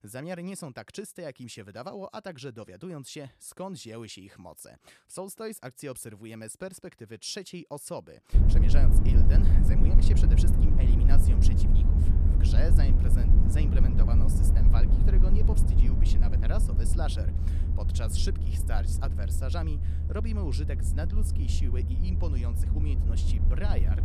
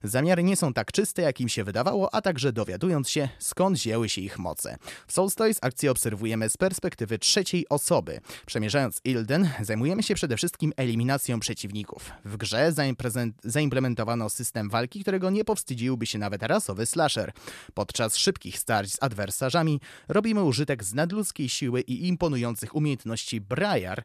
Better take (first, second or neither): second